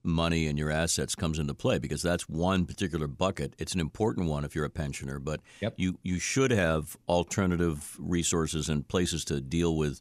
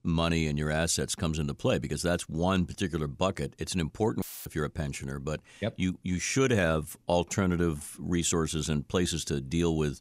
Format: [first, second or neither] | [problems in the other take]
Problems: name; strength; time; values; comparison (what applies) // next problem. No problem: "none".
first | audio cutting out; filled with static; at 4 s